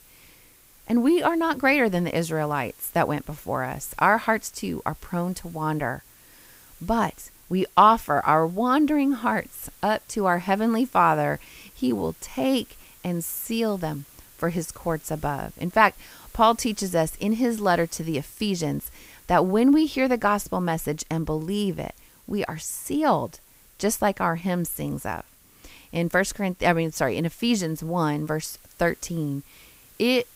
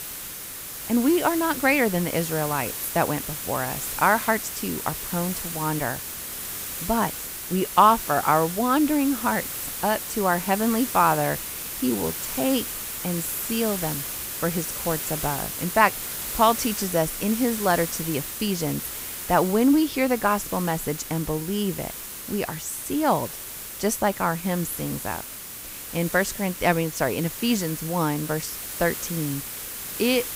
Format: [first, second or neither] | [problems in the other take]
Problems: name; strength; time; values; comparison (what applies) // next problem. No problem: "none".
first | hiss; loud; throughout; 6 dB below the speech; faint in the first